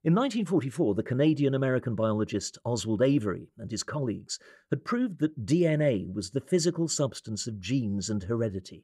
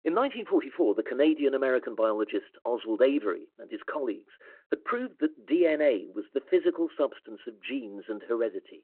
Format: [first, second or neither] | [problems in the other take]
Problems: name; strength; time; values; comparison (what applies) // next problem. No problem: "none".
first | phone-call audio